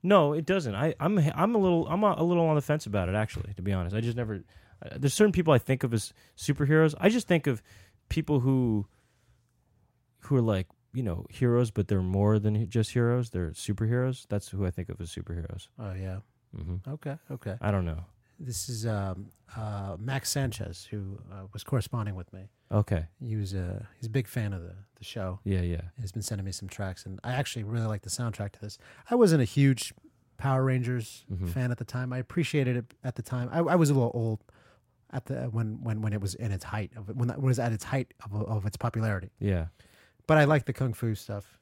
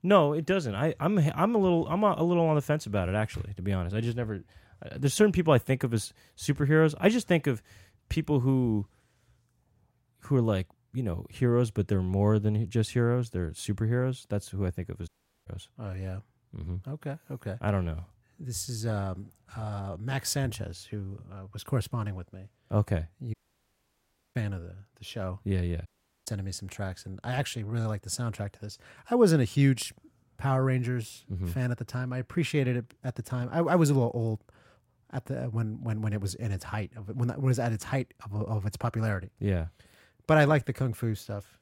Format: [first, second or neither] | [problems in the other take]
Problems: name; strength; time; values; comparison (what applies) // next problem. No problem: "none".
first | audio cutting out; at 15 s, at 23 s for 1 s and at 26 s